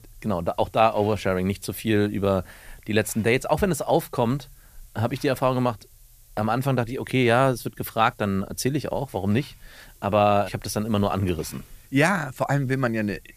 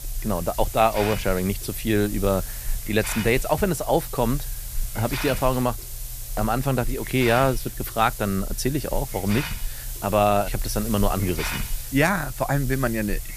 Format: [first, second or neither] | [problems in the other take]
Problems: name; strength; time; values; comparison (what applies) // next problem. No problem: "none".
first | hiss; loud; throughout; 8 dB below the speech; faint in the first